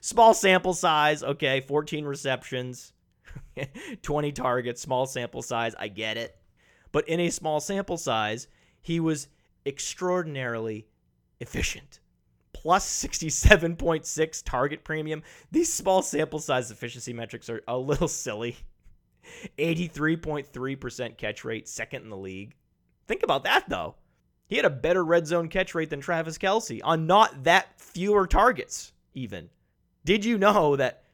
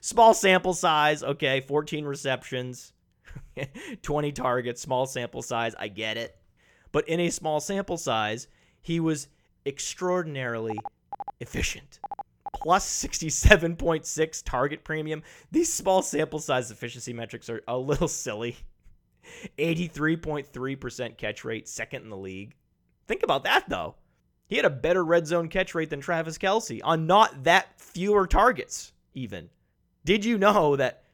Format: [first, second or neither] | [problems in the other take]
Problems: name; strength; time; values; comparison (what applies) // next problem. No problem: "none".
first | phone ringing; faint; from 11 to 13 s; peak 15 dB below the speech